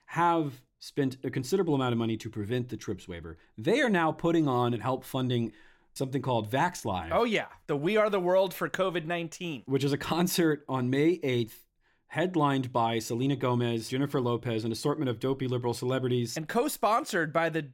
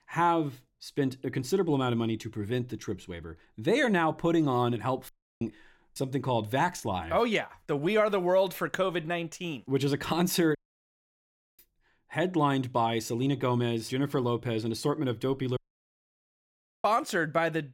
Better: first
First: none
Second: audio cutting out; at 5 s, at 11 s for 1 s and at 16 s for 1.5 s

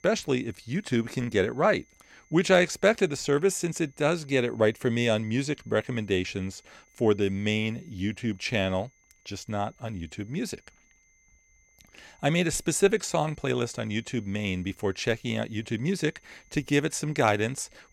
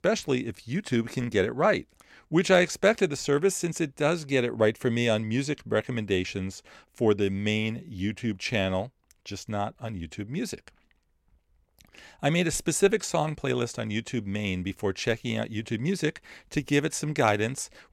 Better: second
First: high-pitched whine; faint; throughout; 2 kHz, 35 dB below the speech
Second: none

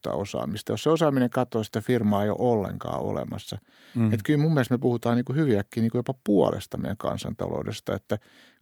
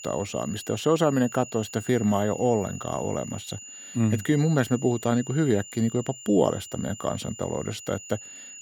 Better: first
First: none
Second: high-pitched whine; noticeable; throughout; 7 kHz, 15 dB below the speech

